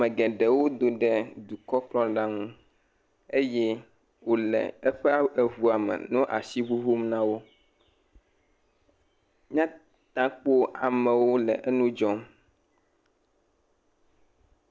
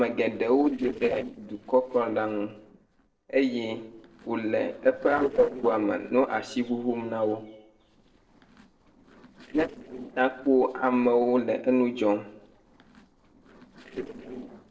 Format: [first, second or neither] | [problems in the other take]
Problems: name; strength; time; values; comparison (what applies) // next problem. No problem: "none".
first | noise reduction (neural separator model SepFormer DNS4)